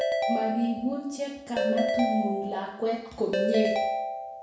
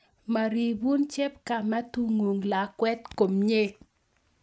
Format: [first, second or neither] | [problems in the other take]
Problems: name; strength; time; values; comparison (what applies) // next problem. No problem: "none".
second | background sound (Ringtone / Keyboard (musical)); as loud as the speech // room echo; dies away in 0.6 s